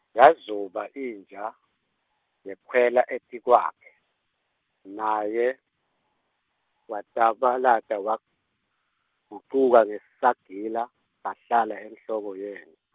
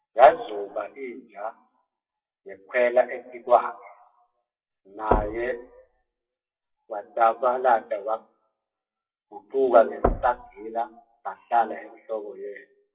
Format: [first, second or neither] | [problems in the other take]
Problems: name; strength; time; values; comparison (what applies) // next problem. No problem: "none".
first | noise reduction (classical method WPE with log-MMSE)